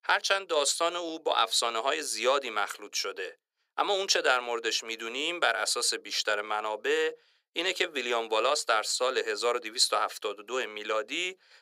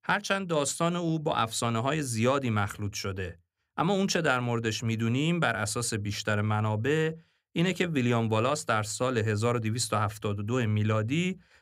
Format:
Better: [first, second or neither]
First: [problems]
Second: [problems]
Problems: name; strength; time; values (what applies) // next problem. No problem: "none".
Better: second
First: thin; very; fading below 400 Hz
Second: none